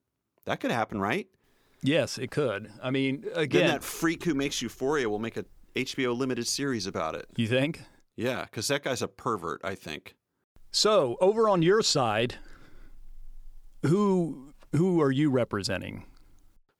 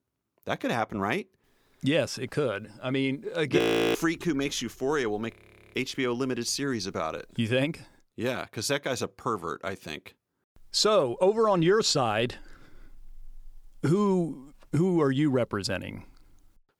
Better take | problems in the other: first | audio freezing; at 3.5 s and at 5.5 s

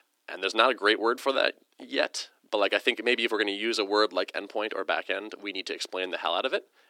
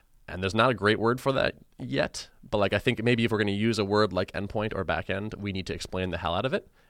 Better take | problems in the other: second | thin; somewhat; fading below 300 Hz

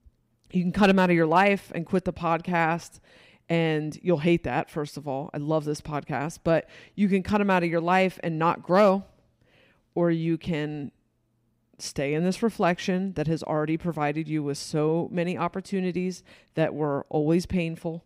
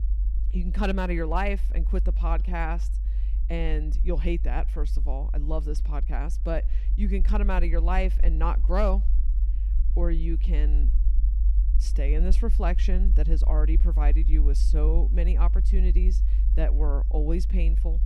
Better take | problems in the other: first | low rumble; noticeable; throughout; 15 dB below the speech

